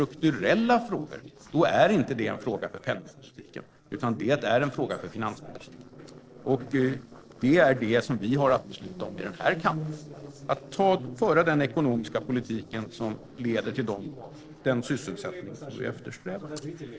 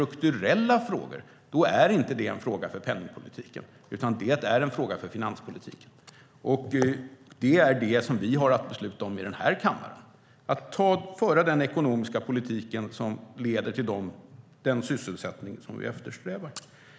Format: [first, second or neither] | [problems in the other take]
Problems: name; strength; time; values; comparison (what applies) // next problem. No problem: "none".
second | noise reduction (neural separator model SepFormer DNS4)